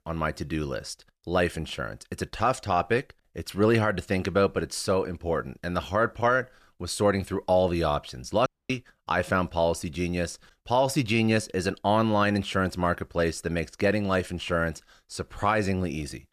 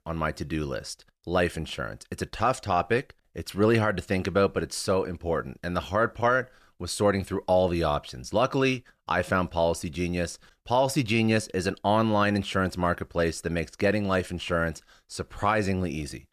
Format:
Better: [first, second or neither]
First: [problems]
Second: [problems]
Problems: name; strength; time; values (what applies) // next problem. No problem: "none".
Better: second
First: audio cutting out; at 8.5 s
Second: none